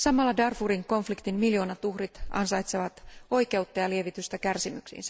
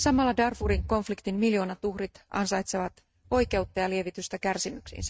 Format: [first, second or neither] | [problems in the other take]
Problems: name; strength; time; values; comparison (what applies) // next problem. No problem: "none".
first | noise reduction (neural mask model RNNoise)